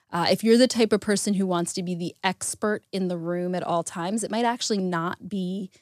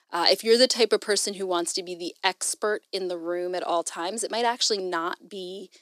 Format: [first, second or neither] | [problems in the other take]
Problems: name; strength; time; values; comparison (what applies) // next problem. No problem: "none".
first | thin; somewhat; fading below 350 Hz